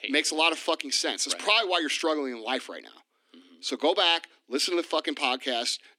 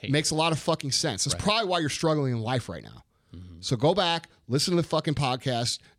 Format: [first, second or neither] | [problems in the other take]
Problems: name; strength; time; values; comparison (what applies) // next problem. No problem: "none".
second | thin; somewhat; fading below 250 Hz